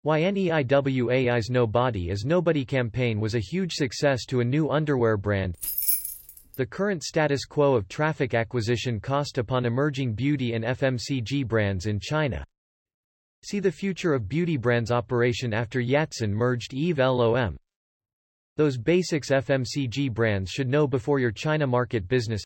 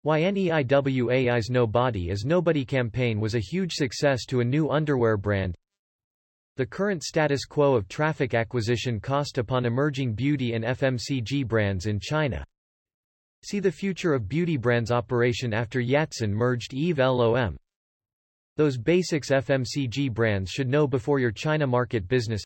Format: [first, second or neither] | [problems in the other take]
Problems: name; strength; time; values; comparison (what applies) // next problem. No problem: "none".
second | jangling keys; loud; at 5.5 s; peak 3 dB above the speech